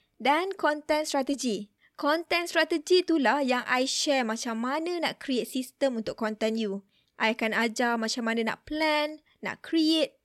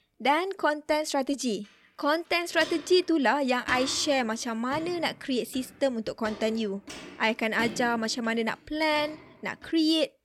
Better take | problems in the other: first | footsteps; noticeable; from 2.5 to 9.5 s; peak 9 dB below the speech

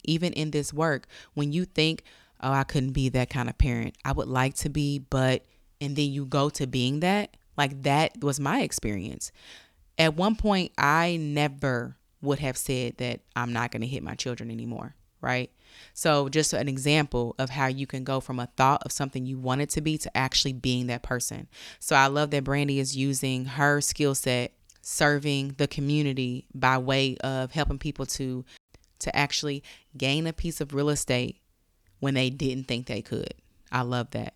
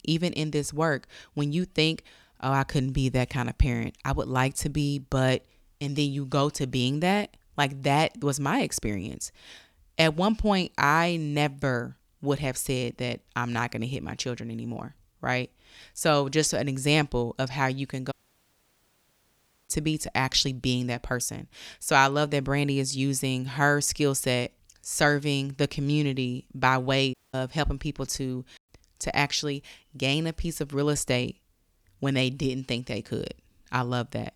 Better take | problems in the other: first | audio cutting out; at 18 s for 1.5 s and at 27 s

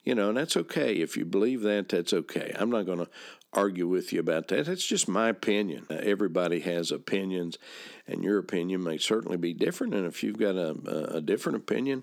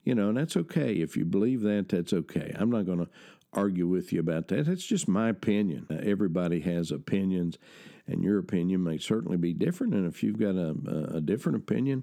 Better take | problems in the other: second | thin; somewhat; fading below 400 Hz

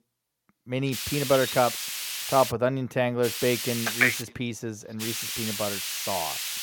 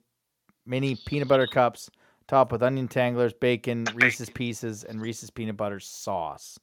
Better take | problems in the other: second | hiss; loud; from 1 to 2.5 s, at 3 s and from 5 s on; 3 dB below the speech

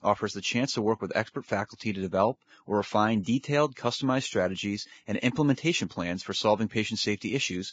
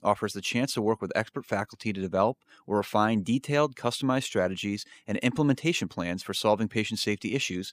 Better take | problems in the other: second | garbled, watery; badly; nothing above 7.5 kHz

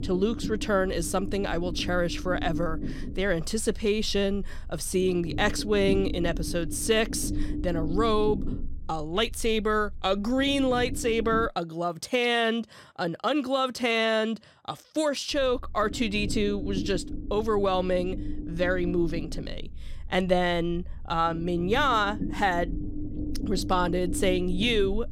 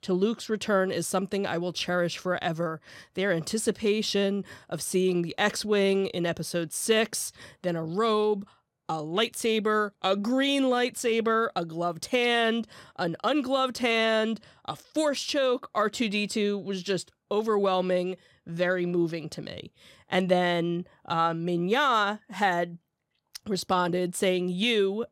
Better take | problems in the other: second | low rumble; noticeable; until 11 s and from 15 s on; 15 dB below the speech

